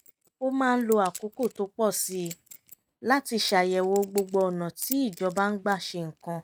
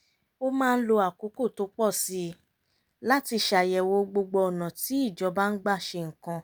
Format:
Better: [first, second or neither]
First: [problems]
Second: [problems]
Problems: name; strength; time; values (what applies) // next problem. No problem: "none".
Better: second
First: noise reduction (neural mask model RNNoise)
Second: none